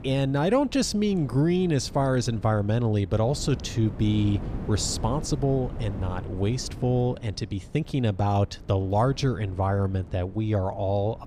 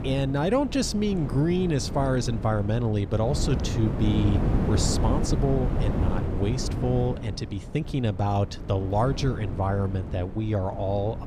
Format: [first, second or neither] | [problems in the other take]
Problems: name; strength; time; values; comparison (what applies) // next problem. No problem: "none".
first | wind noise on the microphone; heavy; 8 dB below the speech; occasional gusts in the first